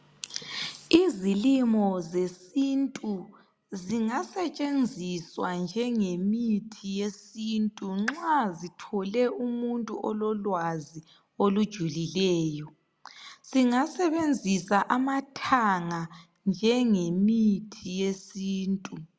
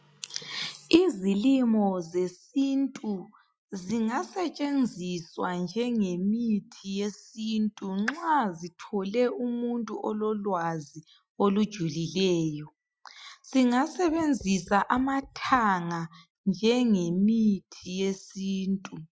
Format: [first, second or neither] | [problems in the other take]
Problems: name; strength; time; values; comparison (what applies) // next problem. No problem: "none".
first | noise reduction (classical method Wiener filter)